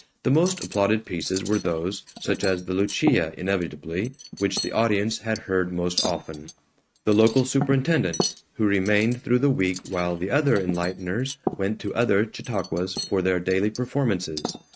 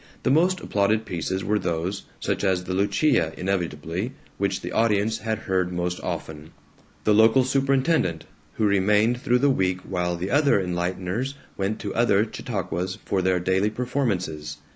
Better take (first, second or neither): second